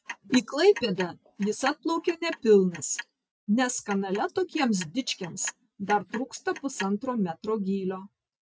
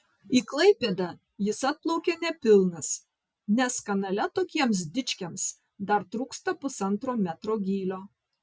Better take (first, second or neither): second